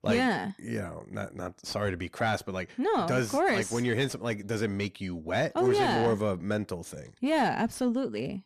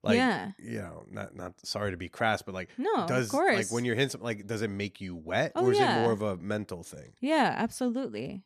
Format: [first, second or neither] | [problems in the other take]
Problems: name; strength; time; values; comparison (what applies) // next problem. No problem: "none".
second | distortion; slight; 10 dB below the speech